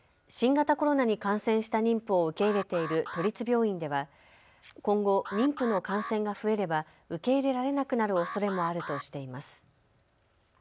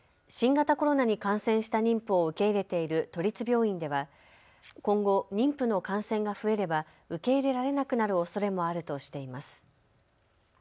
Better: second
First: background sound (Alarm); 13 dB below the speech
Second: none

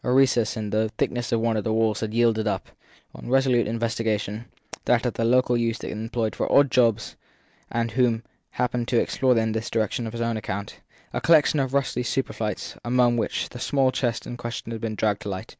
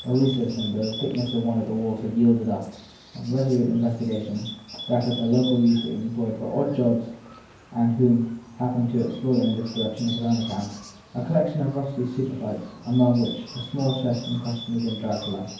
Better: first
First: none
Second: background sound (Bird); 17 dB below the speech // room echo; dies away in 0.9 s

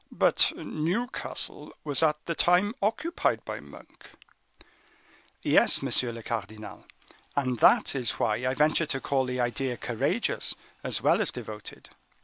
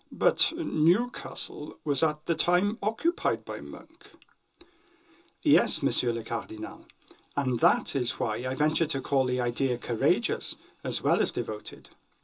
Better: first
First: none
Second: room echo; dies away in 0.2 s

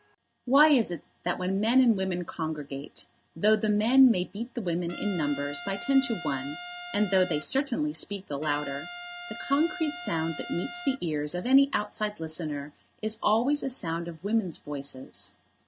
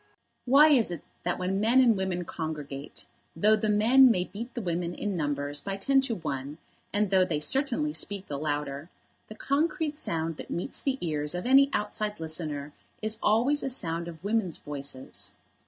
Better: second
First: background sound (Trumpet); 13 dB below the speech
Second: none

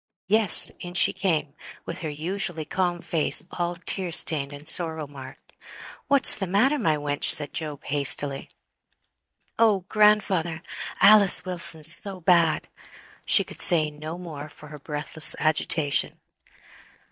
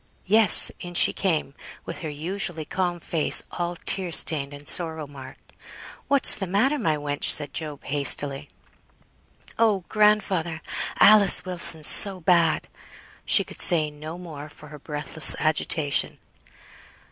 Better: second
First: noise reduction (neural mask model DeepFilterNet 3)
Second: none

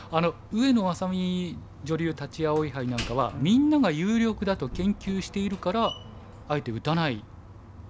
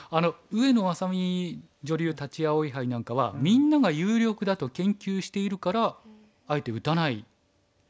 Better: second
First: background sound (Slam); 15 dB below the speech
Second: none

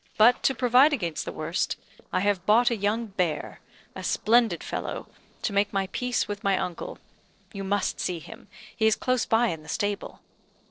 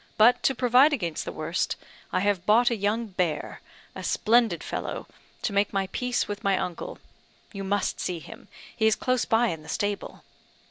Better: second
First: noise reduction (neural separator model SepFormer DNS4)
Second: none

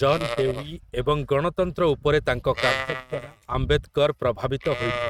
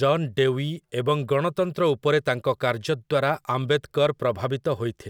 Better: second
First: noise reduction (neural mask model RNNoise)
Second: none

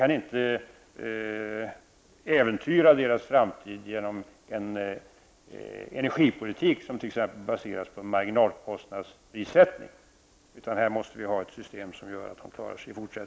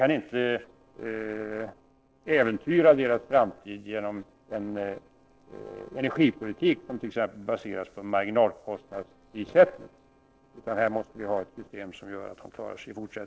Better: first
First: none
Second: noise reduction (neural separator model SepFormer DNS4)

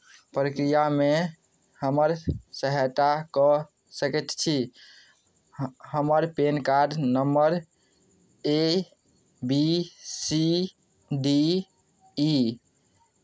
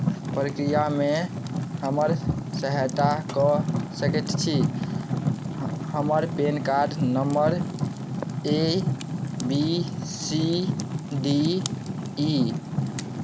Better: first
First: none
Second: background sound (Fire); 1 dB below the speech

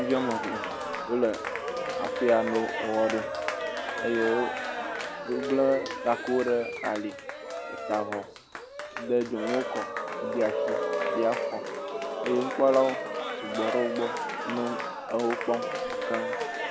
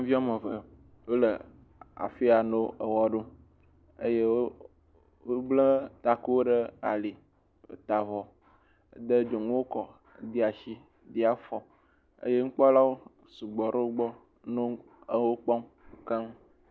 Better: second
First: background sound (Cheering); 3 dB below the speech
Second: none

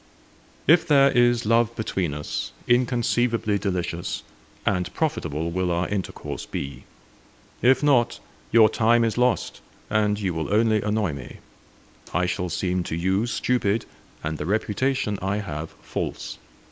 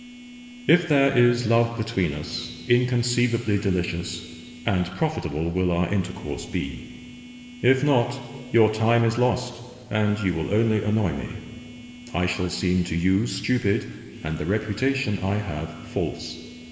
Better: first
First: none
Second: background sound (Telephone); 19 dB below the speech // room echo; dies away in 2.7 s

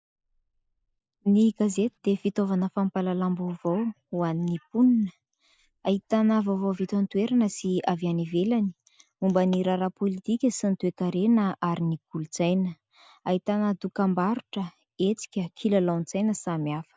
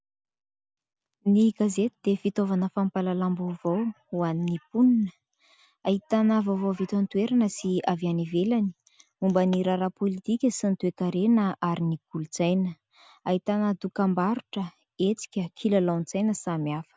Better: second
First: noise reduction (neural mask model Resemble Enhance denoiser)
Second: none

